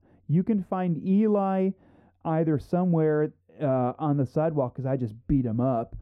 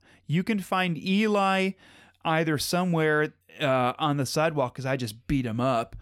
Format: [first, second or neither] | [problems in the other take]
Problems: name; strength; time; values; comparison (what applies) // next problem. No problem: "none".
second | muffled; very; fading above 1.5 kHz